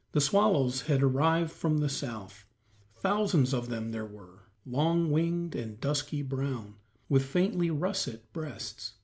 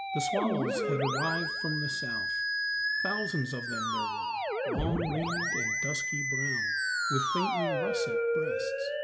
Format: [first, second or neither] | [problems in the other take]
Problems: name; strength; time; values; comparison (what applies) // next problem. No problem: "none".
first | background sound (Musical instrument); 5 dB above the speech